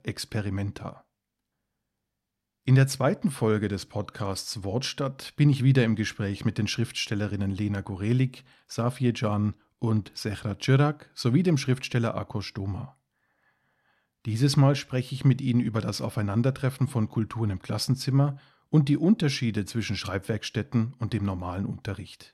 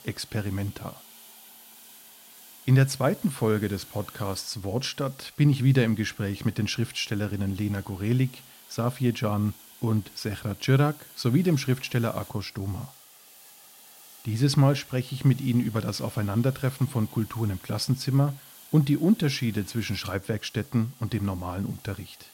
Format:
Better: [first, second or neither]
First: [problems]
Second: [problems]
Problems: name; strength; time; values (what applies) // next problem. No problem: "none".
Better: first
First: none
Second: hiss; faint; throughout; 20 dB below the speech